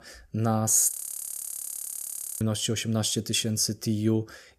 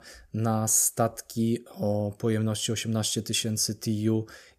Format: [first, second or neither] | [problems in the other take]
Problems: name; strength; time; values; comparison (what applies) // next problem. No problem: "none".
second | audio freezing; at 1 s for 1.5 s